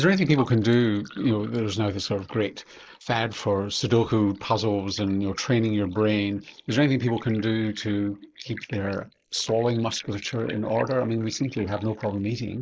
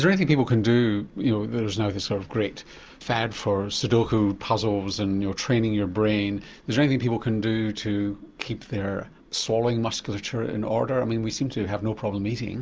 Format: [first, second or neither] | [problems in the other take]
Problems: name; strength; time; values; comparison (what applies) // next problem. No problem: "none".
second | noise reduction (neural mask model Resemble Enhance denoiser)